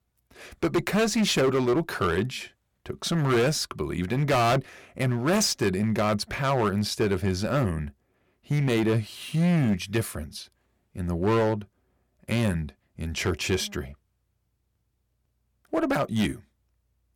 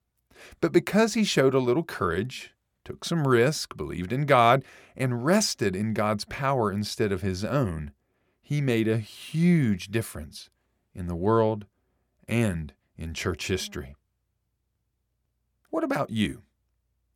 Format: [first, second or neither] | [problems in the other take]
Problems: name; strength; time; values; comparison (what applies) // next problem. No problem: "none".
second | distortion; heavy; 9% of the sound clipped